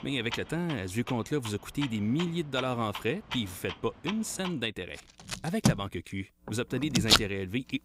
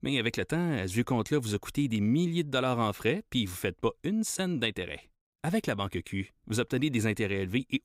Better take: second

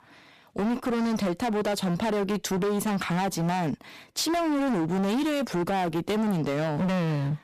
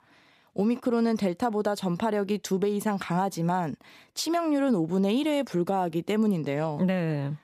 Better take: second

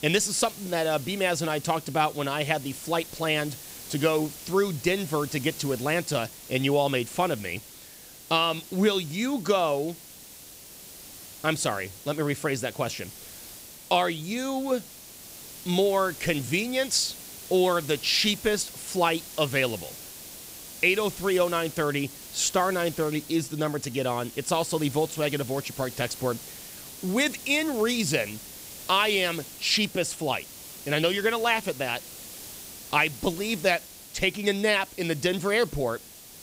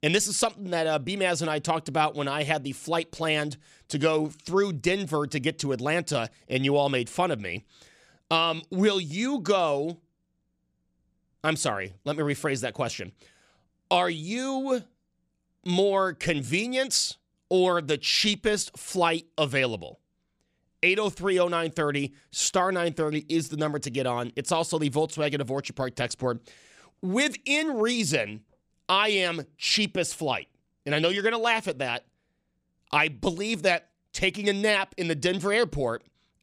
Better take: second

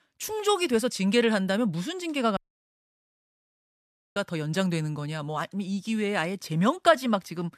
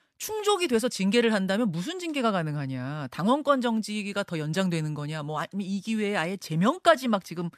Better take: second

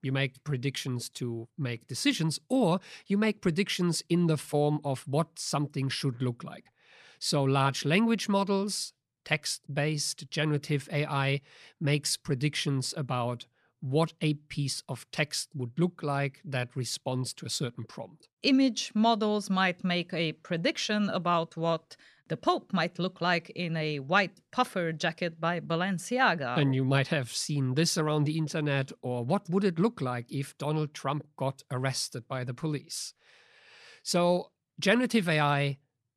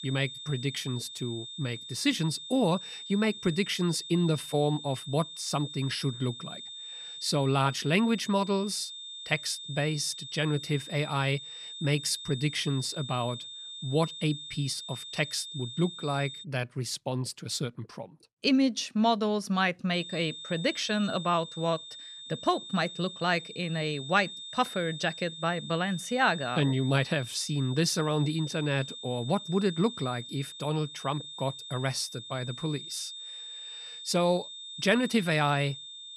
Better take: first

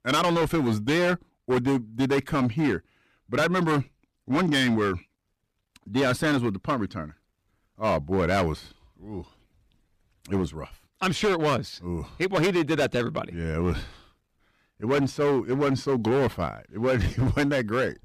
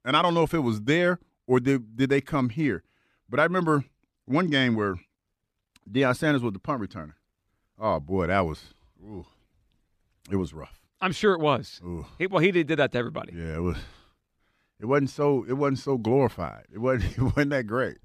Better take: second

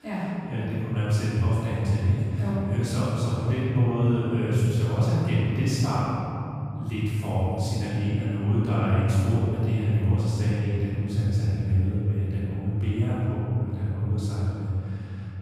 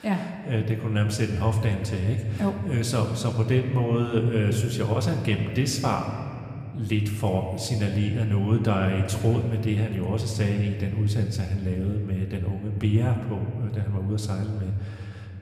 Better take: second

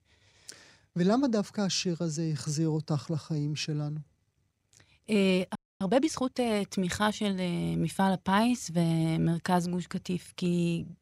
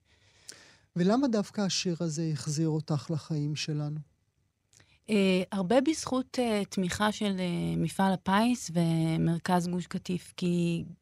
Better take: second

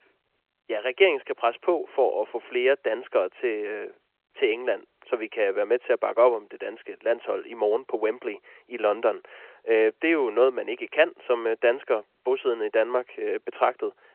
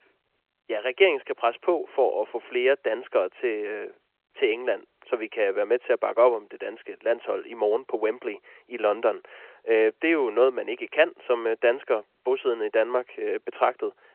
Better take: neither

